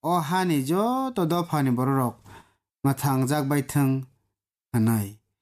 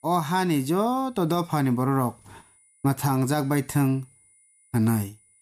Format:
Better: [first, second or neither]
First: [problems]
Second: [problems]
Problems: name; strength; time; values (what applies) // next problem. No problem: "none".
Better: first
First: none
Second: high-pitched whine; faint; throughout; 9.5 kHz, 30 dB below the speech